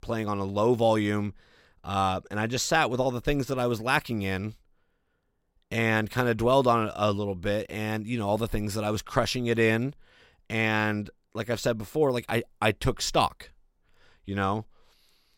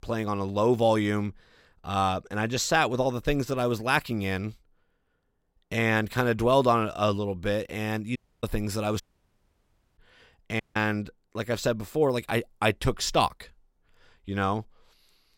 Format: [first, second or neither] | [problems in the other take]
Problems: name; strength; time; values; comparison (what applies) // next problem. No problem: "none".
first | audio cutting out; at 8 s, at 9 s for 1 s and at 11 s